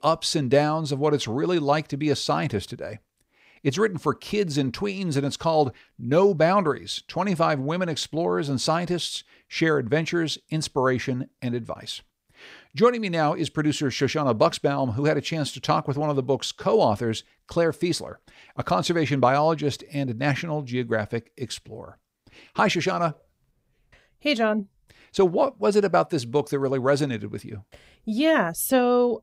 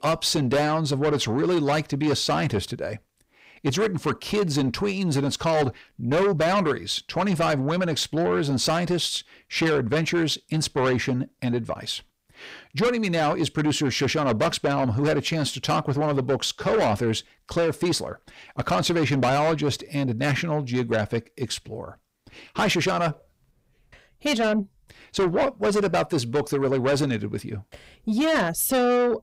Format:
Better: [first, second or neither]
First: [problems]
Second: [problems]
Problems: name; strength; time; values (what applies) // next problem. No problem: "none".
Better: first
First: none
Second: distortion; heavy; 8 dB below the speech